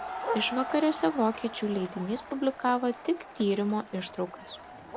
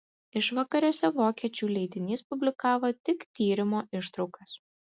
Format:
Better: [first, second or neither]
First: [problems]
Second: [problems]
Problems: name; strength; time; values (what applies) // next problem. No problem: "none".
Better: second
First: background sound (Crowd + Bark); 10 dB below the speech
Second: none